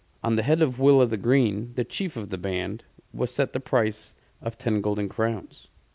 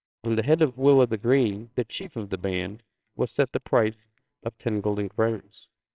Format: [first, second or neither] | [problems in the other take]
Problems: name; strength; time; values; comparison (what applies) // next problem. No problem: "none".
first | noise reduction (neural separator model SepFormer WHAMR!)